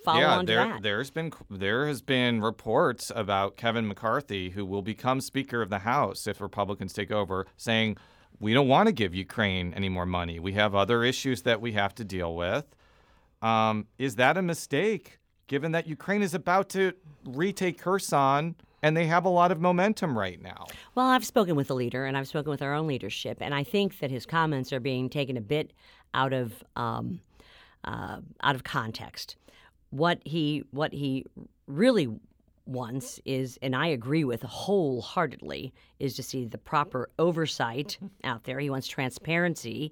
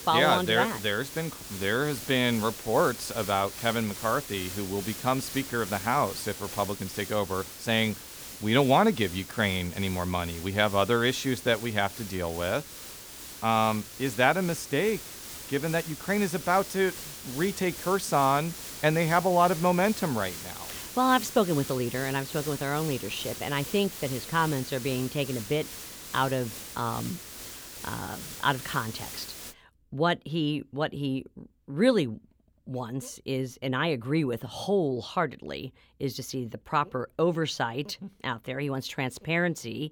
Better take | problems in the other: first | hiss; noticeable; until 30 s; 10 dB below the speech

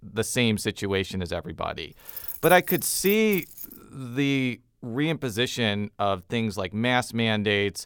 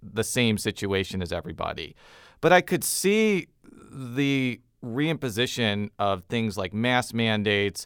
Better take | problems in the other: second | jangling keys; noticeable; from 2 to 3.5 s; peak 4 dB below the speech

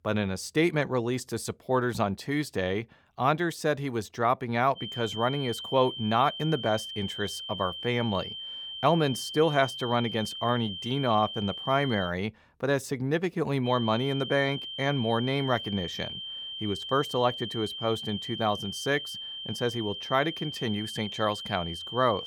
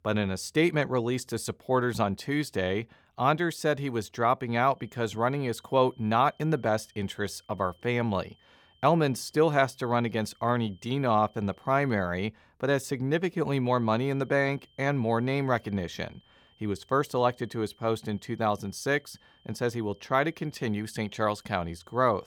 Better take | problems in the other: second | high-pitched whine; loud; from 5 to 12 s and from 14 s on; 3 kHz, 7 dB below the speech; faint in the second

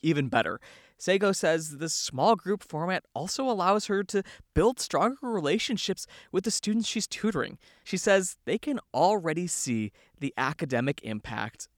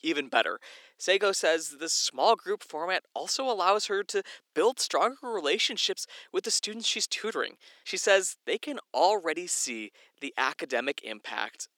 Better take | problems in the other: first | thin; somewhat; fading below 350 Hz

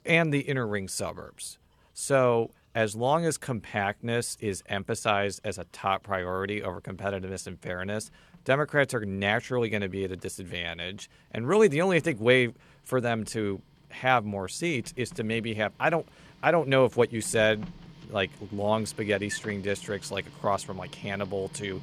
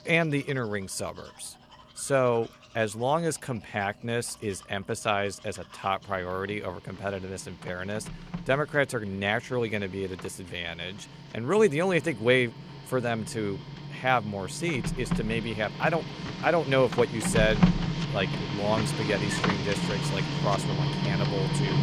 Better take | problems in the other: first | household noises; loud; throughout; 2 dB below the speech; faint in the first

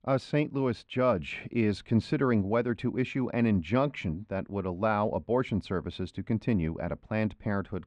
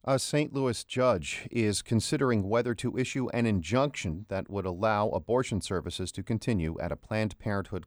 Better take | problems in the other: second | muffled; slightly; fading above 2.5 kHz

